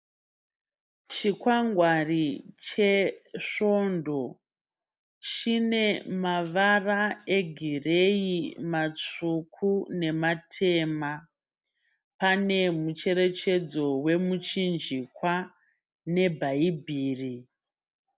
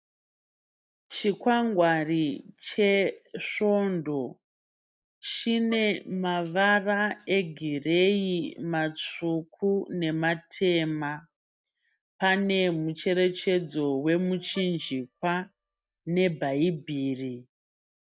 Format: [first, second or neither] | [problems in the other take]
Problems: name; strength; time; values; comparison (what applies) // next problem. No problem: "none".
first | noise reduction (neural mask model DeepFilterNet 3)